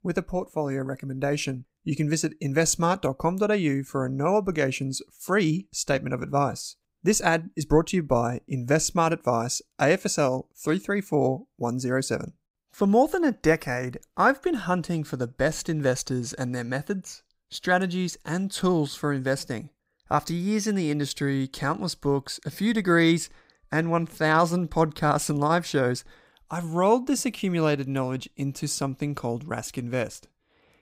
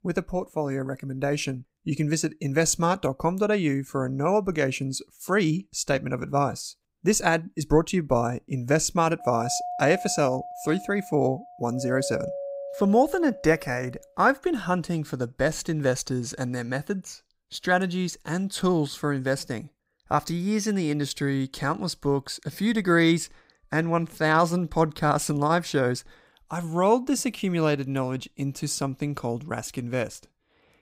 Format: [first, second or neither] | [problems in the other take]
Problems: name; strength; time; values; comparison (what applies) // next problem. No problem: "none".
first | doorbell; noticeable; from 9 to 14 s; peak 6 dB below the speech